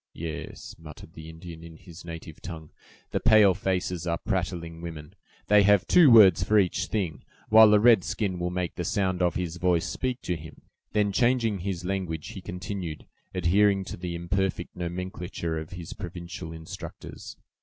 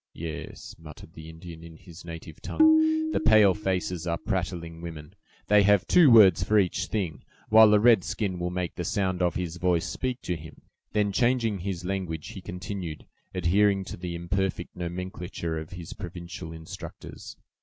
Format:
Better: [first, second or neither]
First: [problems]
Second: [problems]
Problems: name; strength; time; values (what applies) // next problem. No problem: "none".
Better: first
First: none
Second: background sound (Tabla); 2 dB below the speech